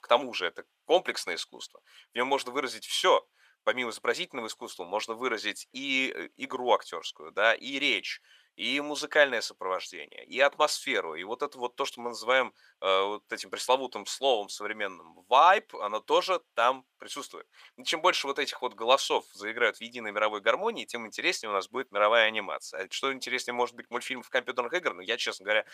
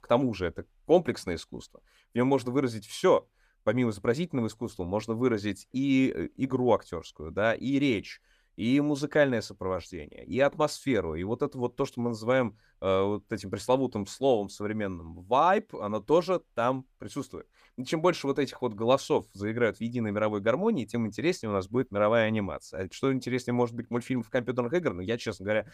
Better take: second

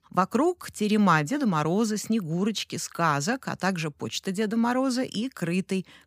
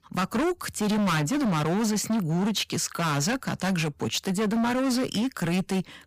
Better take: first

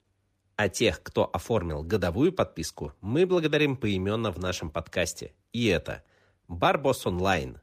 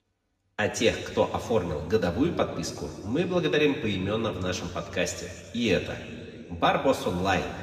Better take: first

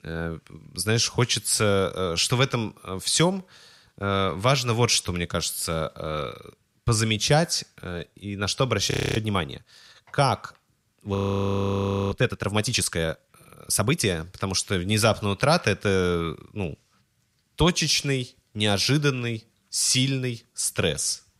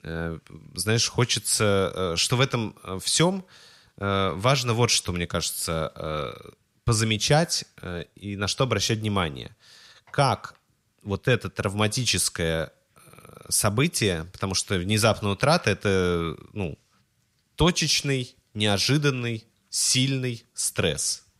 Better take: second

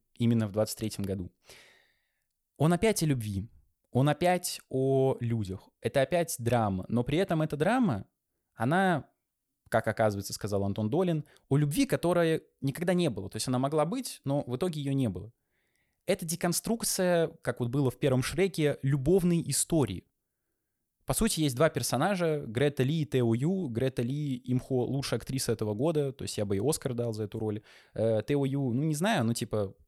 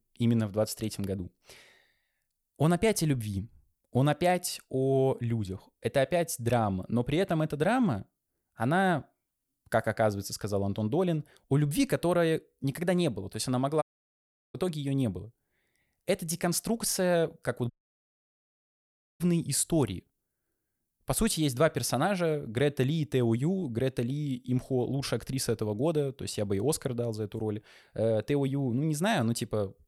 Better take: first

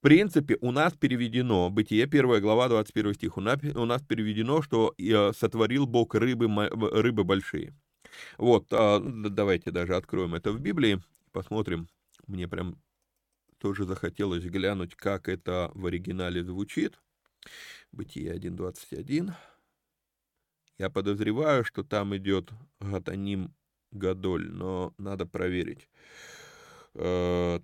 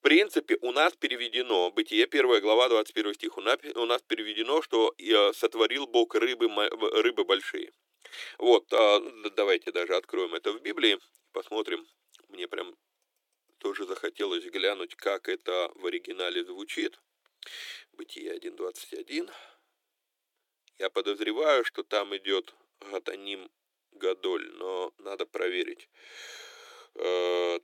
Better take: first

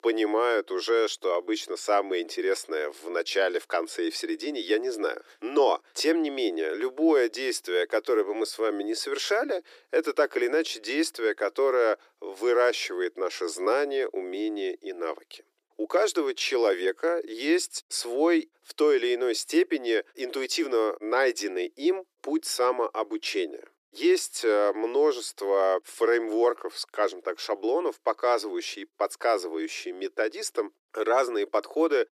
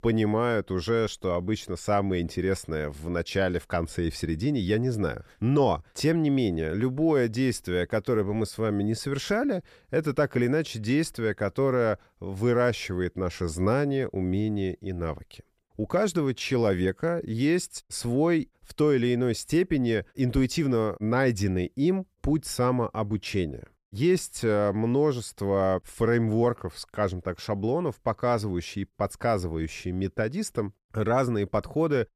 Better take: second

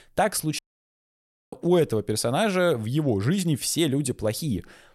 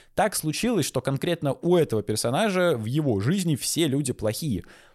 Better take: second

